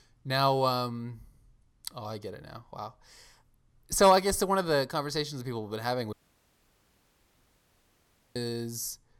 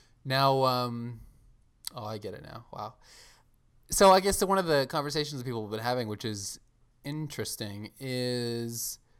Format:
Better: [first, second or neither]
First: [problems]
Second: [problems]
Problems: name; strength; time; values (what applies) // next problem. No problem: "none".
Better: second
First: audio cutting out; at 6 s for 2 s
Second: none